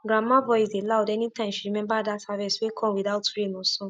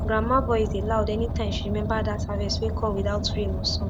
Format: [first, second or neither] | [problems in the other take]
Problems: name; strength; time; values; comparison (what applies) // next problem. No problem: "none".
first | background sound (Car); as loud as the speech